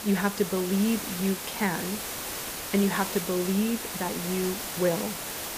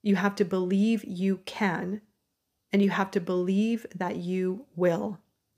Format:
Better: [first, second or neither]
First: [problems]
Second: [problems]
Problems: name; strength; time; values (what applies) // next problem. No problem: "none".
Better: second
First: hiss; loud; throughout; 4 dB below the speech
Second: none